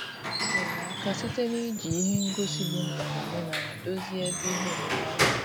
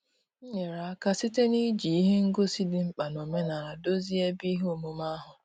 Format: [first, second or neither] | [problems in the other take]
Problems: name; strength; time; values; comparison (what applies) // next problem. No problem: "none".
second | background sound (Squeak / Wood); 1 dB above the speech